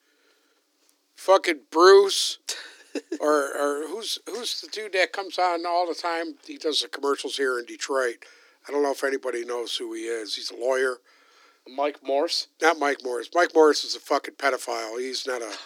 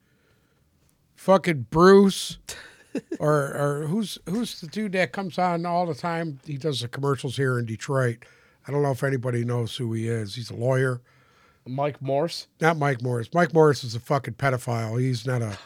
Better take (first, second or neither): second